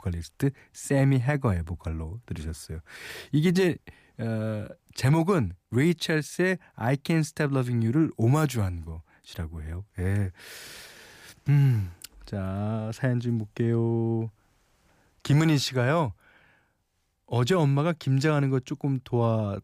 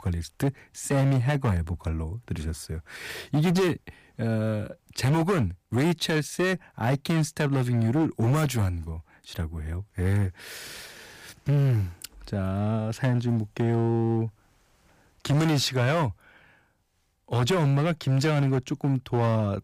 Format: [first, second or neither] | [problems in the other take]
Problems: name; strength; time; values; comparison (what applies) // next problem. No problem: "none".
first | distortion; slight; 11% of the sound clipped